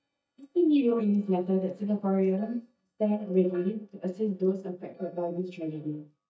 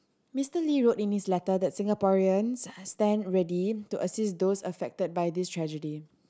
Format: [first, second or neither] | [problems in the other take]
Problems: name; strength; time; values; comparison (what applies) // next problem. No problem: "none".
second | noise reduction (neural mask model DeepFilterNet 3)